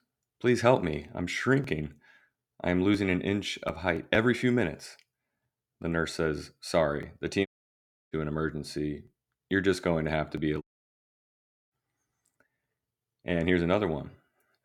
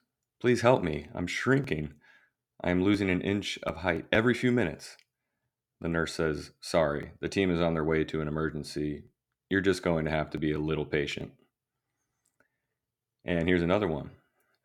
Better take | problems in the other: second | audio cutting out; at 7.5 s for 0.5 s and at 11 s for 1 s

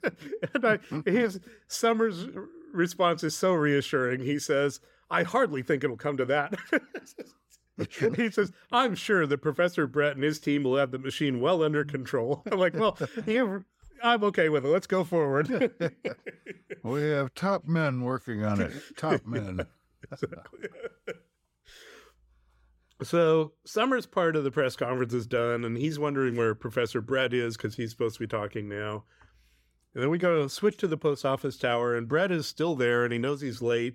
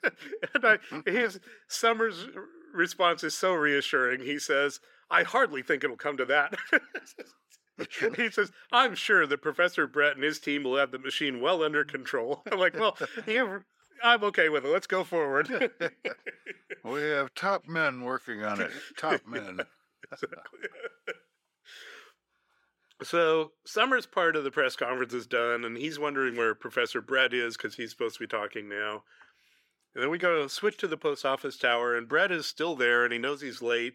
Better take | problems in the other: first | thin; somewhat; fading below 300 Hz

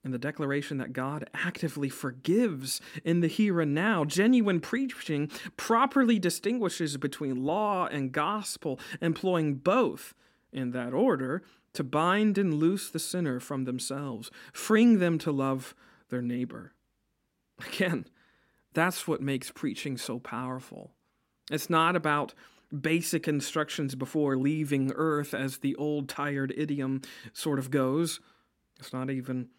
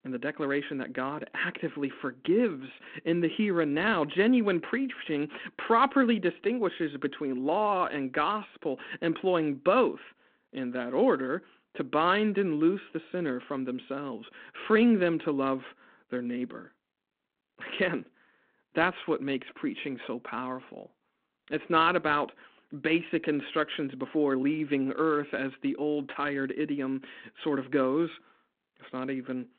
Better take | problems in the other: first | phone-call audio

